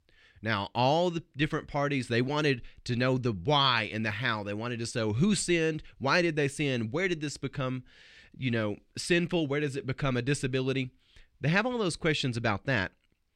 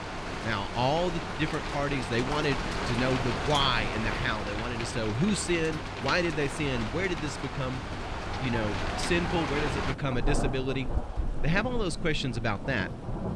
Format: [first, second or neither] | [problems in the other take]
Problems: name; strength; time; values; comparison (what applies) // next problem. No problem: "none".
first | rain or running water; loud; throughout; 4 dB below the speech